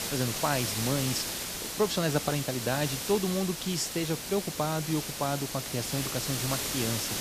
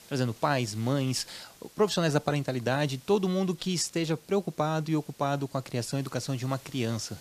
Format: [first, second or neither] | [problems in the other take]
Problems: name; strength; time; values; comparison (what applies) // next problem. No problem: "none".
second | hiss; loud; throughout; 2 dB below the speech; faint in the second